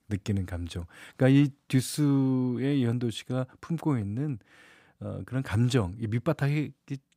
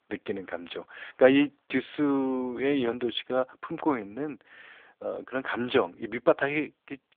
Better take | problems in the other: first | phone-call audio; poor line; nothing above 3.5 kHz

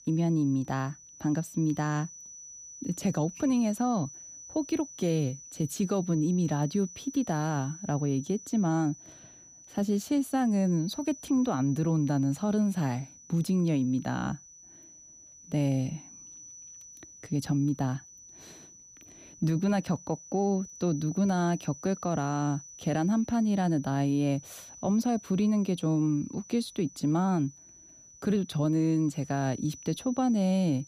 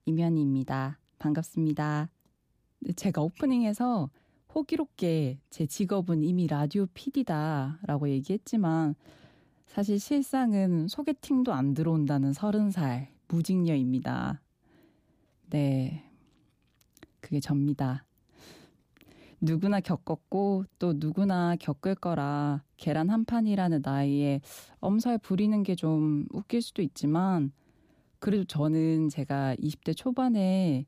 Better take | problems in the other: second | high-pitched whine; noticeable; throughout; 6 kHz, 15 dB below the speech

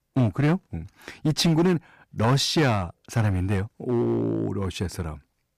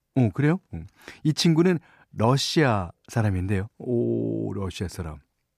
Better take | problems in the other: second | distortion; slight; 7% of the sound clipped

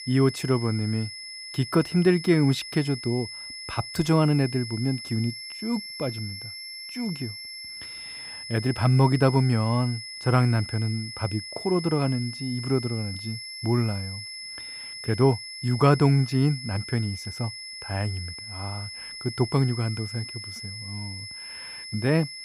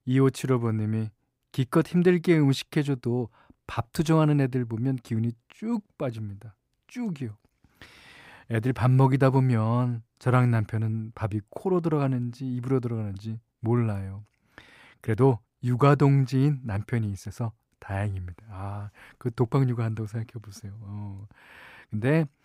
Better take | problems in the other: second | high-pitched whine; noticeable; throughout; 5 kHz, 10 dB below the speech

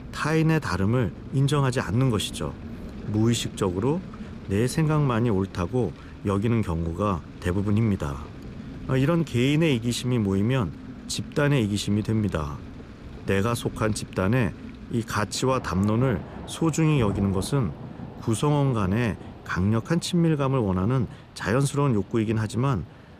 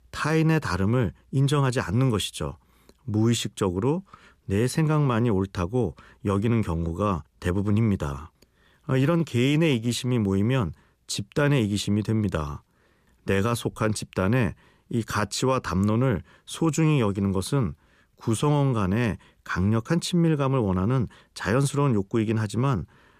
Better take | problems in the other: second | rain or running water; noticeable; throughout; 15 dB below the speech

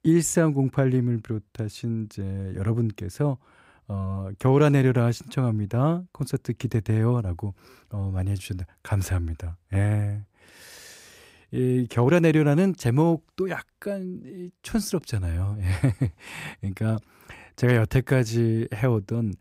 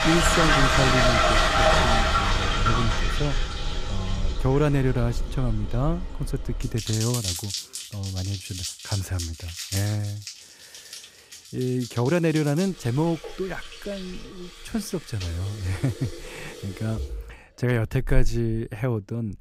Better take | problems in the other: first | household noises; very loud; throughout; 2 dB above the speech

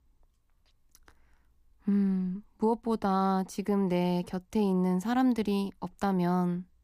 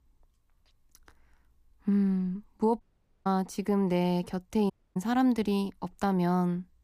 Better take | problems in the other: first | audio cutting out; at 3 s and at 4.5 s

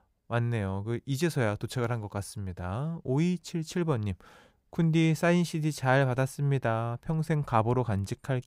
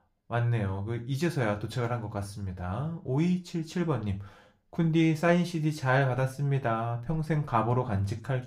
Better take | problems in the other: first | room echo; very slight; dies away in 0.3 s // off-mic speech; somewhat distant

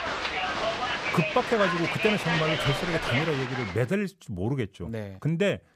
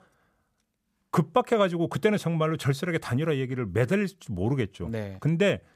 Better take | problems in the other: second | crowd noise; very loud; until 3.5 s; as loud as the speech

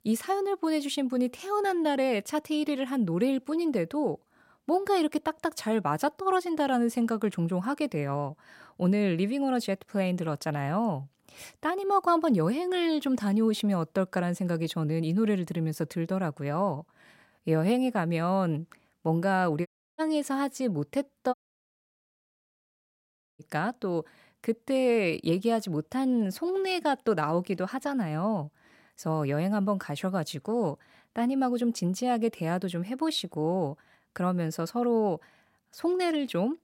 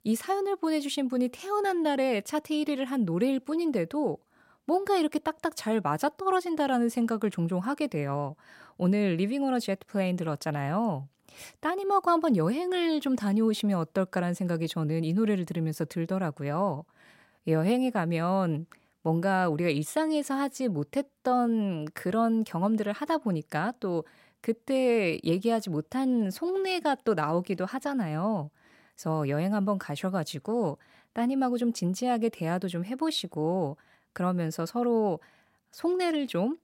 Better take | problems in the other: second | audio cutting out; at 20 s and at 21 s for 2 s

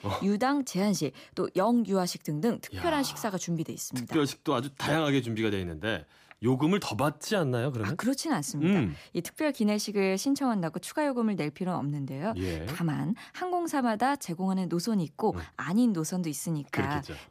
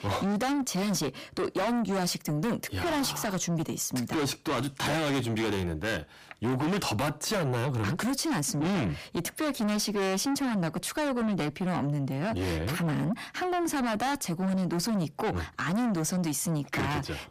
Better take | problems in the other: first | distortion; heavy; 6 dB below the speech

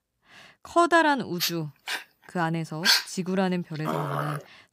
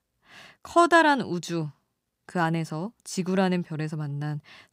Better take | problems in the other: second | dog barking; loud; from 1.5 s on; peak 6 dB above the speech

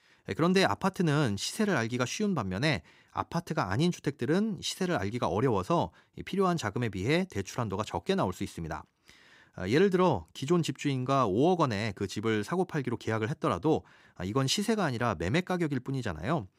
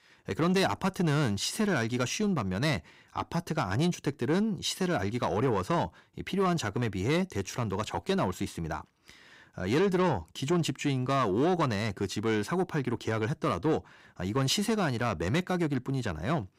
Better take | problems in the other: first | distortion; slight; 10 dB below the speech

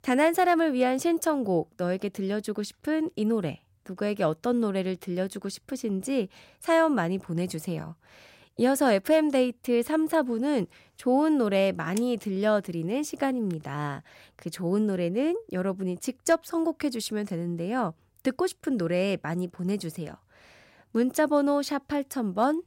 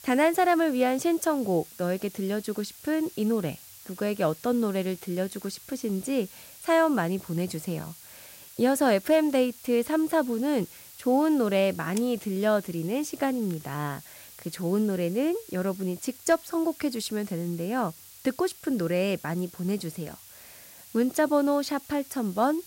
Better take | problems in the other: first | hiss; noticeable; throughout; 20 dB below the speech

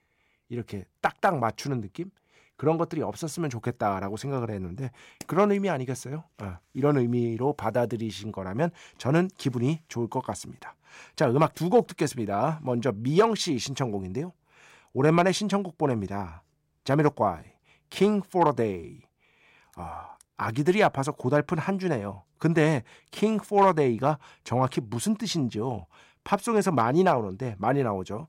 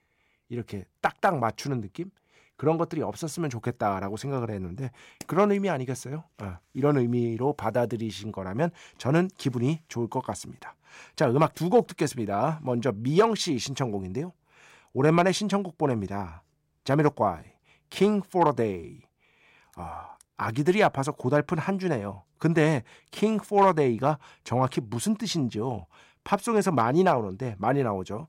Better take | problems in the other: neither | none

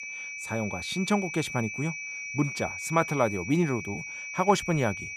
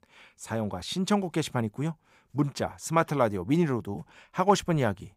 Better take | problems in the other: second | high-pitched whine; loud; throughout; 2.5 kHz, 6 dB below the speech

